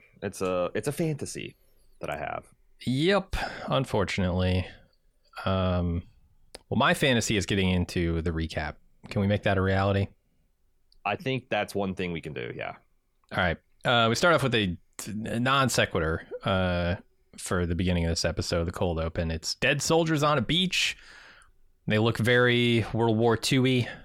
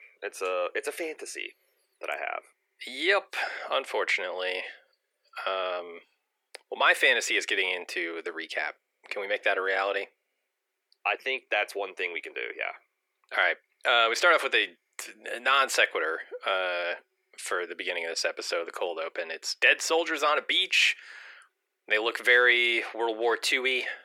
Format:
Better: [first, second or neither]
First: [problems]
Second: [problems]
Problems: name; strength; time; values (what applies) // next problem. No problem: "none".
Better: first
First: none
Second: thin; very; fading below 350 Hz